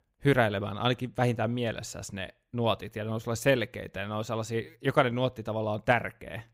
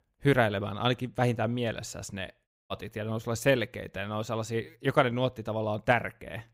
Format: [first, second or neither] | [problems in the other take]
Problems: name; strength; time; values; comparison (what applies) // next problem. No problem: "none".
first | audio cutting out; at 2.5 s